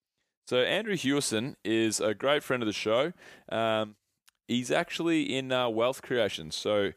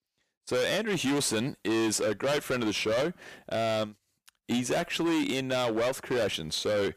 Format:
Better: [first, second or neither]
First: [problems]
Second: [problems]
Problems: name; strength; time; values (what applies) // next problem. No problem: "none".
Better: first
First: none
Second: distortion; heavy; 21% of the sound clipped